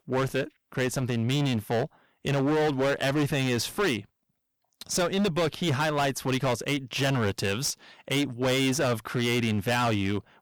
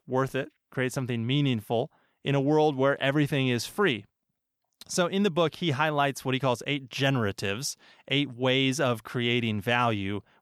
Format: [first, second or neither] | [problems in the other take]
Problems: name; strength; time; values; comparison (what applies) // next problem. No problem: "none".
second | distortion; heavy; 20% of the sound clipped